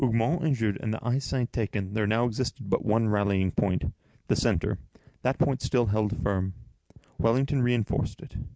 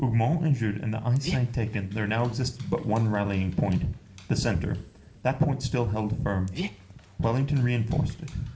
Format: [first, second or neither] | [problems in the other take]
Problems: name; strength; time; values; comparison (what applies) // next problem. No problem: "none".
first | background sound (Dog); 17 dB below the speech // room echo; dies away in 0.7 s